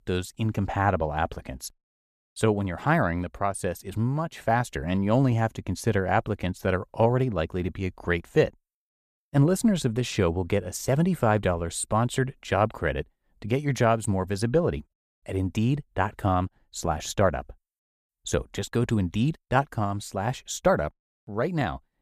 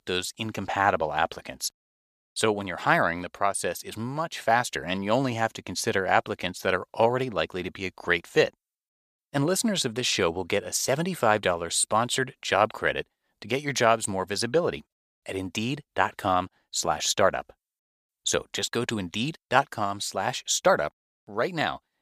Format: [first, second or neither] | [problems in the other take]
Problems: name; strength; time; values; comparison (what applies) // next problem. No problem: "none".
first | thin; somewhat; fading below 1 kHz